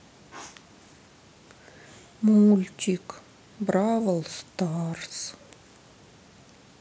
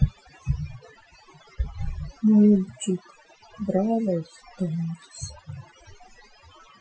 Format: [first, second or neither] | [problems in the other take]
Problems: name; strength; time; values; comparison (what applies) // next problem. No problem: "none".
first | noise reduction (classical method Wiener filter)